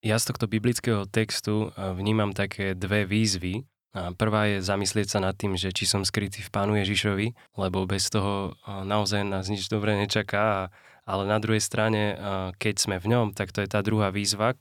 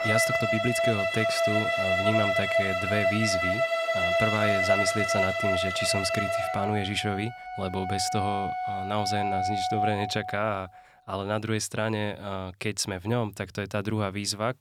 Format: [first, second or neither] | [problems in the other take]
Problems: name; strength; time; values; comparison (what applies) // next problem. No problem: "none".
first | background music; very loud; until 11 s; 4 dB above the speech